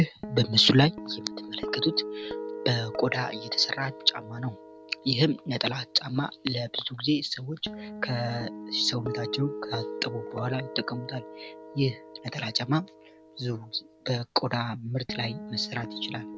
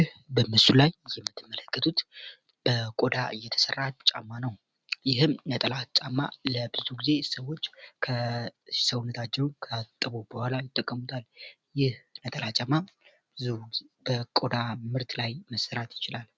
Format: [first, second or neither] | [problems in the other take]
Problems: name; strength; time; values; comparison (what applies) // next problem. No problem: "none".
second | background sound (Guitar); 11 dB below the speech